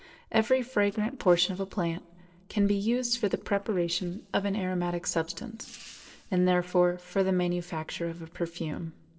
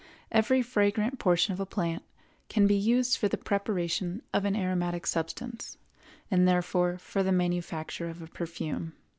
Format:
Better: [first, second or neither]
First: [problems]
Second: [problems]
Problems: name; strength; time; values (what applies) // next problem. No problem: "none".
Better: second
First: noise reduction (neural separator model SepFormer DNS4)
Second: none